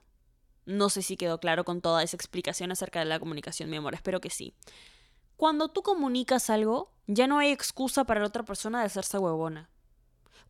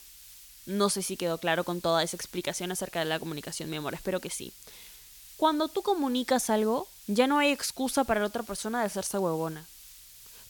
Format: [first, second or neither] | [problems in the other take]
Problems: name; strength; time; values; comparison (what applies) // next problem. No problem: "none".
first | hiss; noticeable; throughout; 20 dB below the speech